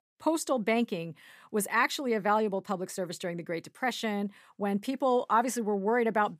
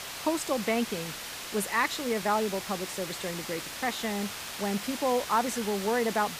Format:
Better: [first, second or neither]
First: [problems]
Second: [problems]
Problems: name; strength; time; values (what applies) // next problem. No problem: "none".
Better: first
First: none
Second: hiss; loud; throughout; 6 dB below the speech